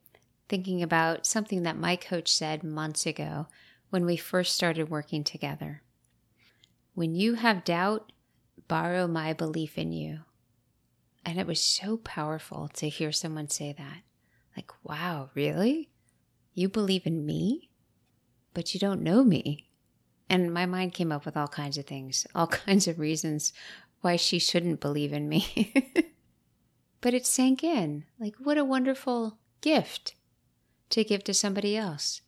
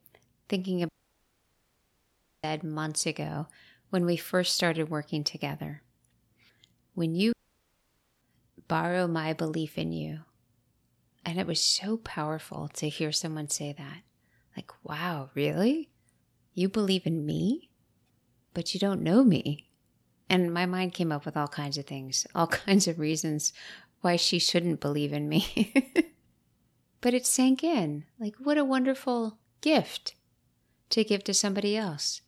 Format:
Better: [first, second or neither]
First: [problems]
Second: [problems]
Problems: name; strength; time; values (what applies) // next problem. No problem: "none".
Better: first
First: none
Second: audio cutting out; at 1 s for 1.5 s and at 7.5 s for 1 s